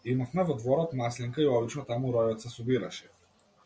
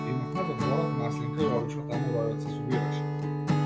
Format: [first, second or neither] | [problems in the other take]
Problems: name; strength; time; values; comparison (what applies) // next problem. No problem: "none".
first | background sound (Acoustic guitar / Strum); 4 dB above the speech // room echo; dies away in 0.9 s